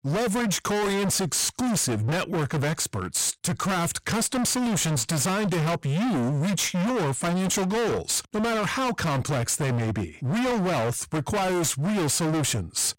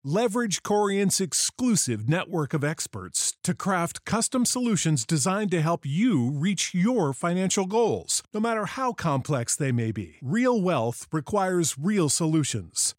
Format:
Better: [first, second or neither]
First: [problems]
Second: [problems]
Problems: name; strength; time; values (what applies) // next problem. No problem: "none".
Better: second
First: distortion; heavy; 48% of the sound clipped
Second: none